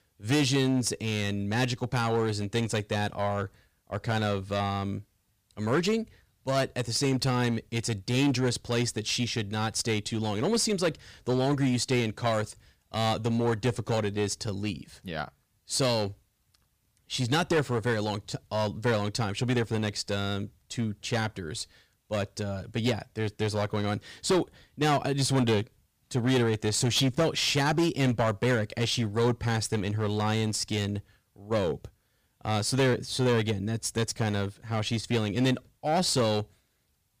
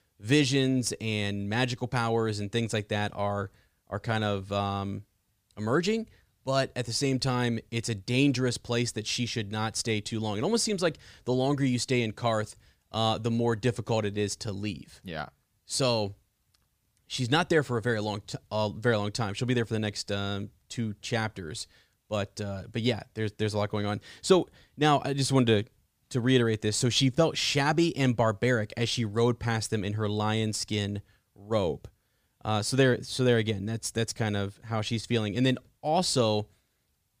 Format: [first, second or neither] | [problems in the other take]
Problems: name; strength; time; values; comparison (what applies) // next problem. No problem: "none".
second | distortion; slight; 6% of the sound clipped